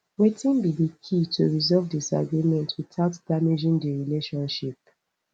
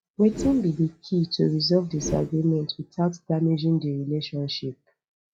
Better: first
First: none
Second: noise reduction (classical method log-MMSE)

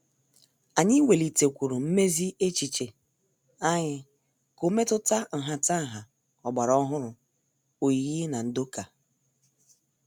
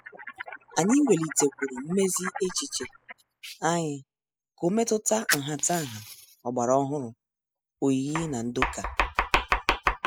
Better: first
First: none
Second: noise reduction (classical method spectral subtraction)

